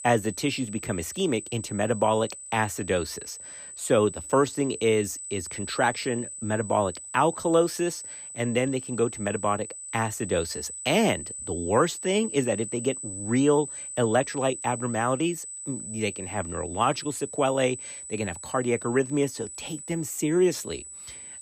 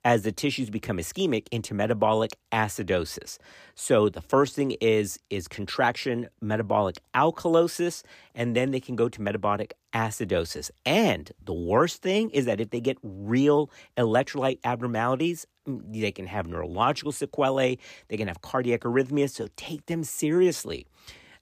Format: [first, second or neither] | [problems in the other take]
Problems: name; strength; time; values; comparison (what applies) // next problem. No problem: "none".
second | high-pitched whine; loud; throughout; 8 kHz, 9 dB below the speech